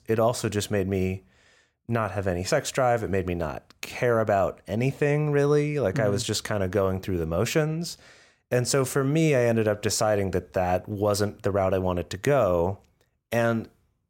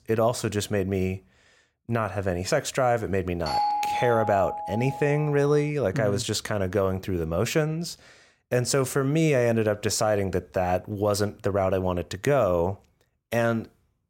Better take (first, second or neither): first